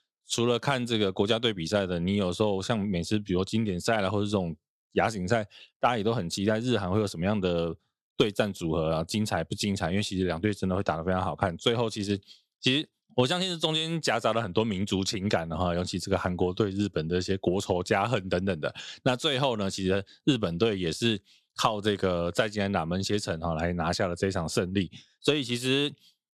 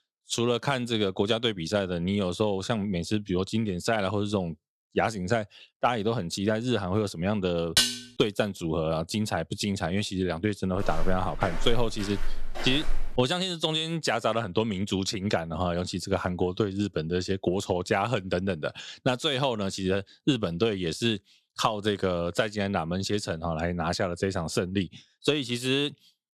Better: first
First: none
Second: clattering dishes; loud; at 8 s; peak 5 dB above the speech // footsteps; noticeable; from 11 to 13 s; peak 8 dB below the speech

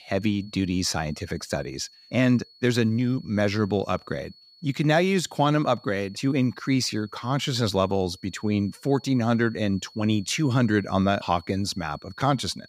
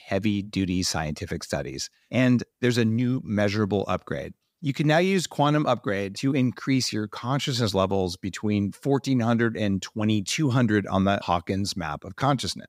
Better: second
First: high-pitched whine; faint; throughout; 4.5 kHz, 25 dB below the speech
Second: none

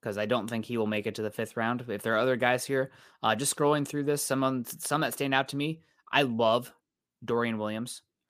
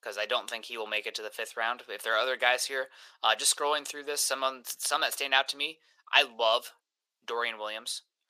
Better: first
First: none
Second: thin; very; fading below 550 Hz

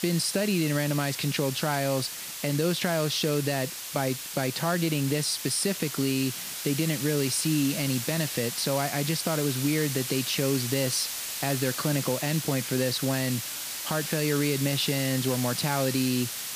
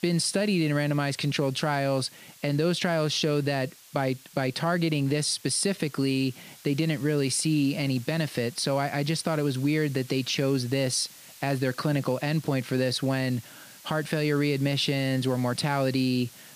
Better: second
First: hiss; loud; throughout; 5 dB below the speech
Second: hiss; faint; throughout; 20 dB below the speech

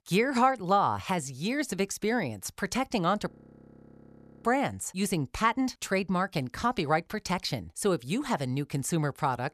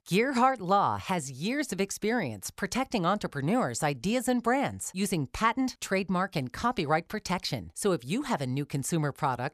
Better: second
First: audio freezing; at 3.5 s for 1 s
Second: none

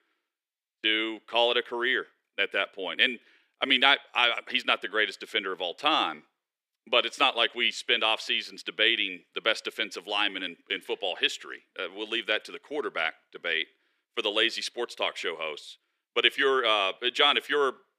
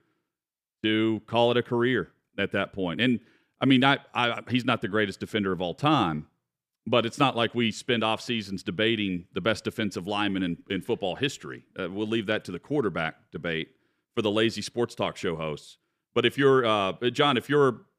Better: second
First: thin; very; fading below 400 Hz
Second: none

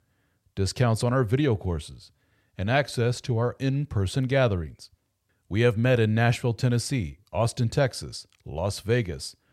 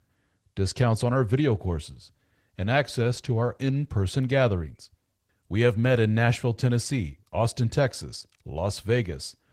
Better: first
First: none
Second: garbled, watery; slightly; nothing above 16 kHz

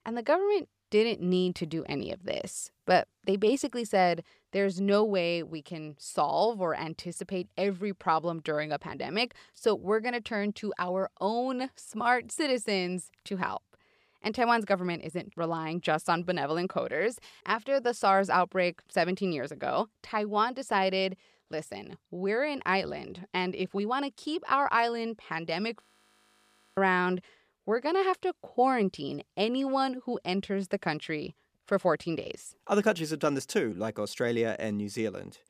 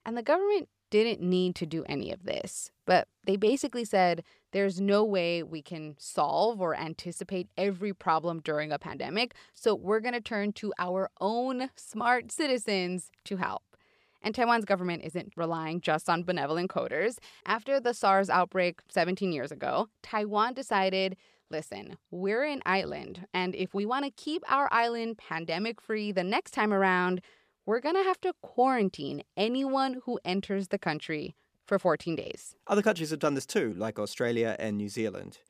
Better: second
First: audio freezing; at 26 s for 1 s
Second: none

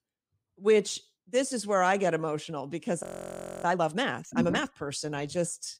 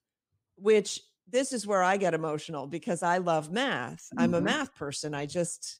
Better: second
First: audio freezing; at 3 s for 0.5 s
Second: none

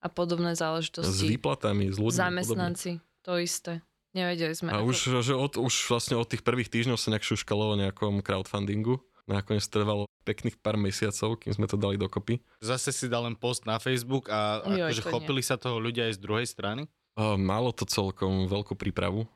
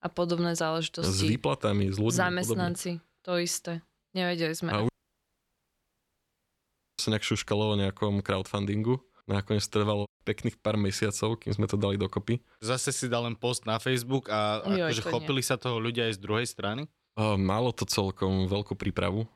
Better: first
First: none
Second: audio cutting out; at 5 s for 2 s

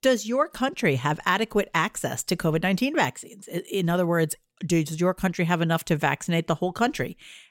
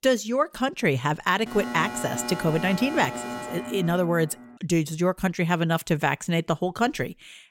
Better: first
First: none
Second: alarm; noticeable; from 1.5 to 4.5 s; peak 7 dB below the speech

